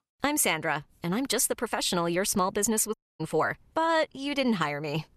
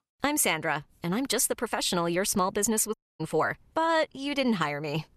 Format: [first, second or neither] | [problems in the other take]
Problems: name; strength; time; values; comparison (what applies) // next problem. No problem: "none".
neither | audio cutting out; at 3 s; the same in both